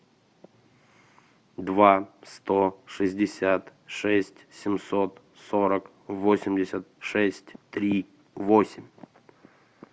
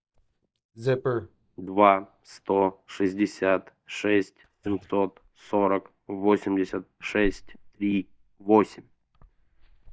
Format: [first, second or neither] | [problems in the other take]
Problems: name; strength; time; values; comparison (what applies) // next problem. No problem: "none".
first | noise reduction (neural mask model DeepFilterNet 3)